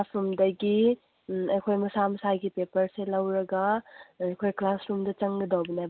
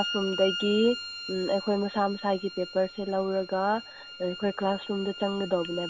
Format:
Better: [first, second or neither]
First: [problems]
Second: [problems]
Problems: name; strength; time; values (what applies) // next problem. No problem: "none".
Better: first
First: none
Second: background sound (Bowed string instrument); 10 dB below the speech